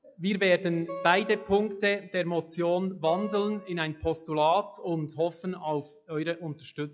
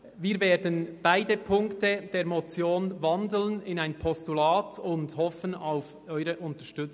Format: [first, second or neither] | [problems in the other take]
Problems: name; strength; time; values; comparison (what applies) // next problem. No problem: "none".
second | noise reduction (classical method log-MMSE)